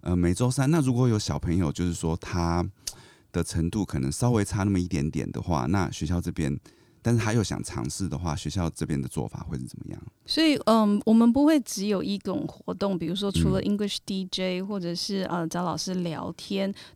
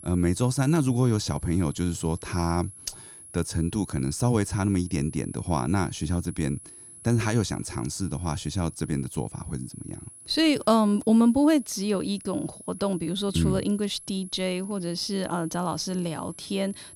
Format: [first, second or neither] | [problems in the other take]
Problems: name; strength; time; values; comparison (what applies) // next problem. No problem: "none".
first | high-pitched whine; noticeable; throughout; 10.5 kHz, 15 dB below the speech